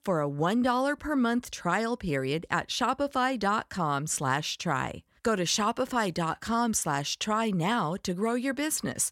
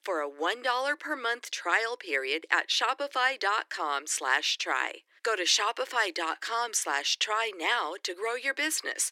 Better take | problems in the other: first | thin; very; fading below 300 Hz

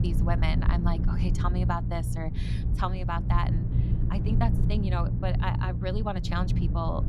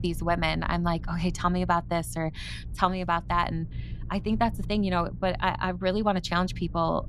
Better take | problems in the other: second | low rumble; loud; throughout; 7 dB below the speech; faint in the second

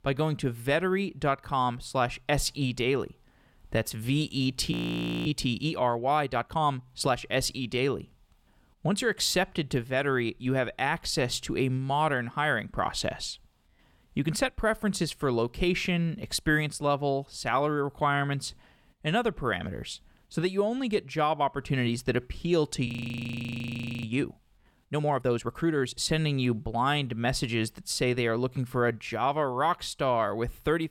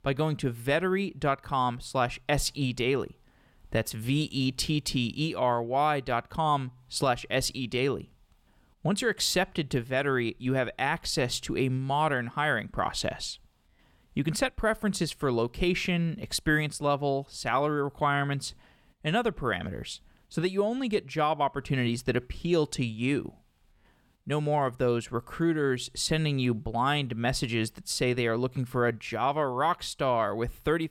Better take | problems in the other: second | audio freezing; at 4.5 s for 0.5 s and at 23 s for 1 s

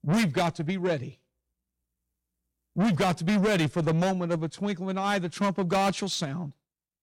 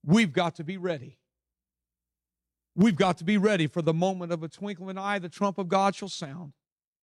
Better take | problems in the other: second | distortion; heavy; 6 dB below the speech

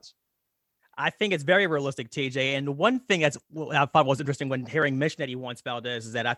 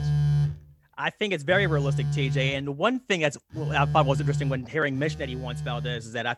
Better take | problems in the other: first | alarms or sirens; loud; throughout; 2 dB below the speech

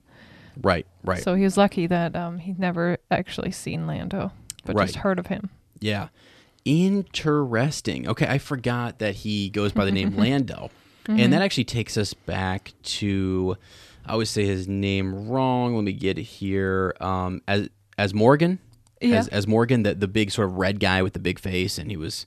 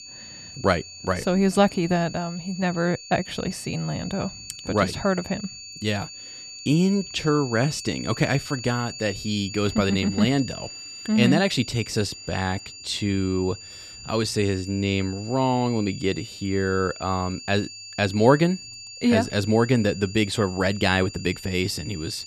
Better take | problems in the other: first | high-pitched whine; noticeable; throughout; 4.5 kHz, 15 dB below the speech

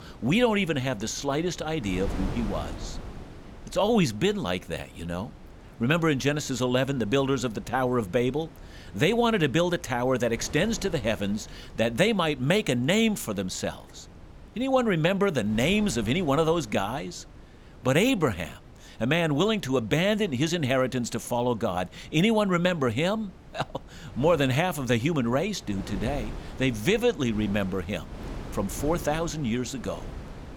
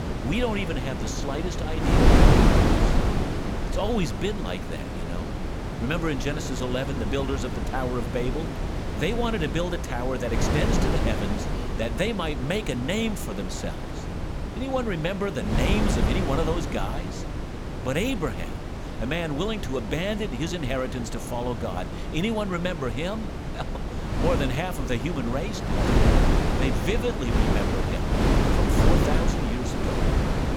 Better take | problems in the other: first | wind noise on the microphone; heavy; 1 dB below the speech; occasional gusts in the first

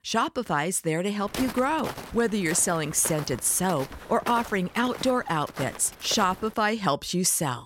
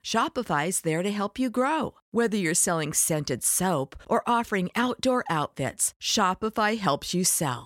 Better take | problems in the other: second | footsteps; noticeable; from 1.5 to 6.5 s; peak 9 dB below the speech

